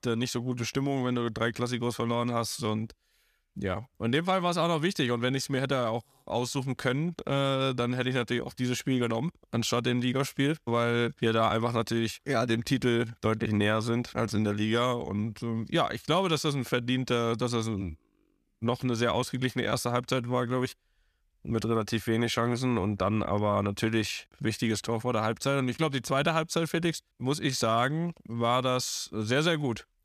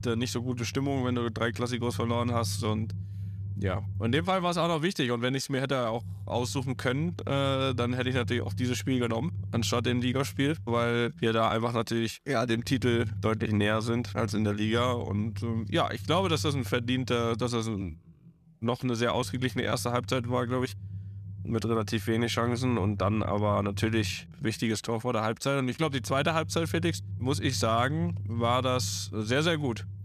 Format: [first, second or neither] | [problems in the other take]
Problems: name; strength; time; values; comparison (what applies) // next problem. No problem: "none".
first | low rumble; faint; throughout; 20 dB below the speech